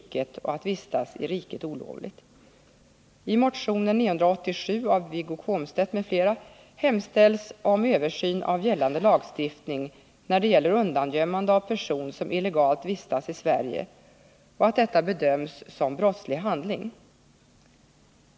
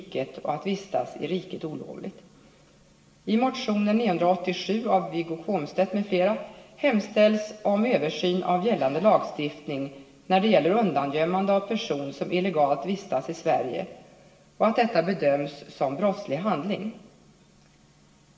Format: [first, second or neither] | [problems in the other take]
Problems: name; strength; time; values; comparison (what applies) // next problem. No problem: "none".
first | room echo; dies away in 0.9 s